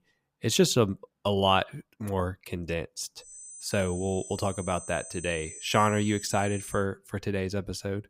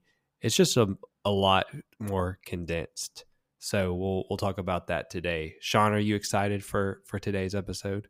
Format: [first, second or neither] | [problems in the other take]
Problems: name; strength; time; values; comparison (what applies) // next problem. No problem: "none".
second | high-pitched whine; noticeable; from 3.5 to 7 s; 8 kHz, 10 dB below the speech